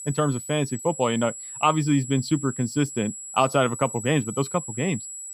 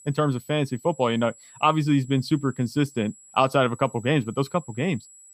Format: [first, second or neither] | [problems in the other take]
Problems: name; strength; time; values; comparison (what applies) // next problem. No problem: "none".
second | high-pitched whine; loud; throughout; 7.5 kHz, 10 dB below the speech; faint in the second